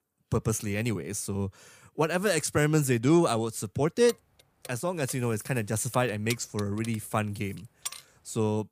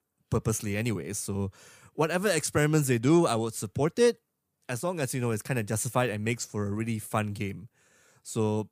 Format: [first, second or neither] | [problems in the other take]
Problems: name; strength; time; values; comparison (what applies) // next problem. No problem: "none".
second | jangling keys; noticeable; from 4 to 8 s; peak 10 dB below the speech